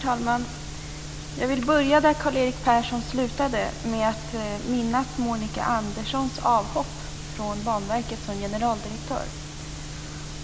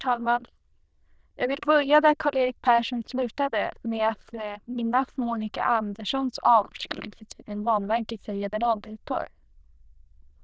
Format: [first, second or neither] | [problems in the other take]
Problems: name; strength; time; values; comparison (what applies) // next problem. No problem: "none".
first | noise reduction (neural diffusion model UNIVERSE++)